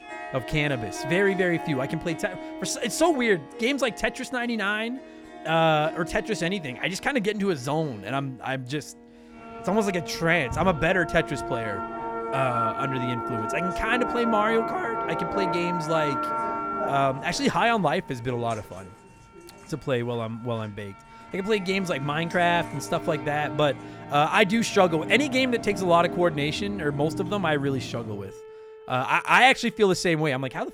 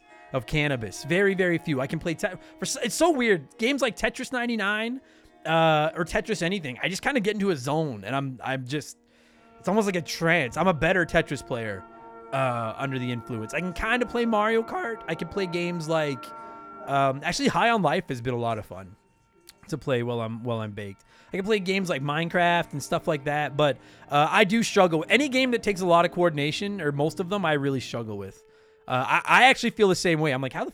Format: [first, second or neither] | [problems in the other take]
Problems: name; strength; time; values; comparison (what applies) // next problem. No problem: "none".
second | background music; loud; throughout; 8 dB below the speech; faint in the second